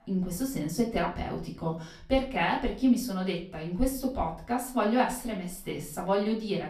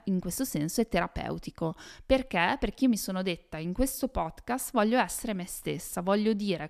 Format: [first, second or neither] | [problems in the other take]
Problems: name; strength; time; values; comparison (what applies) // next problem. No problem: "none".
second | room echo; slight; dies away in 0.4 s // off-mic speech; far